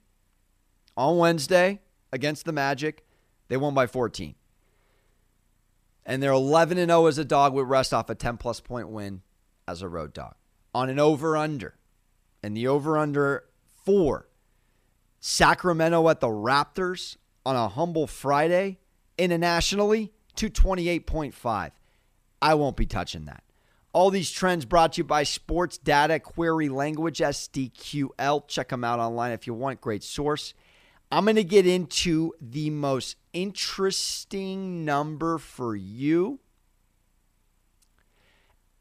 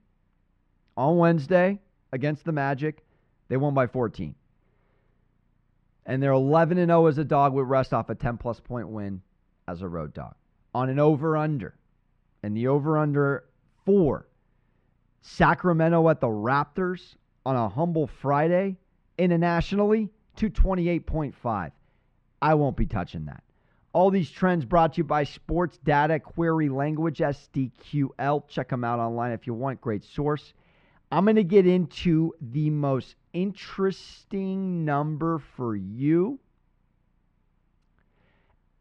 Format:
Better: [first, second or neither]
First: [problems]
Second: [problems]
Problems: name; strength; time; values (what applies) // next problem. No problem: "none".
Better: first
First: none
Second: muffled; very; fading above 2 kHz